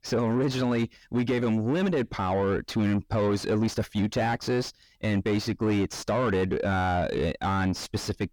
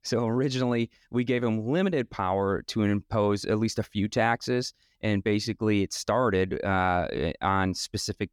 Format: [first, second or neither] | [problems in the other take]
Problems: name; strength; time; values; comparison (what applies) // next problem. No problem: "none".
second | distortion; heavy; 7 dB below the speech